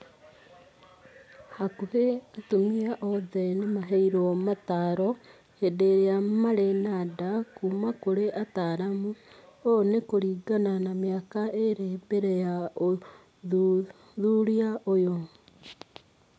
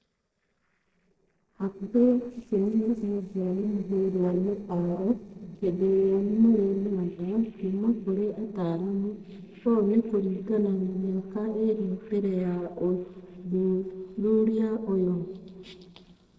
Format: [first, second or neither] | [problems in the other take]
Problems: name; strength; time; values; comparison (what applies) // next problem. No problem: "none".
first | noise reduction (neural separator model SepFormer DNS4)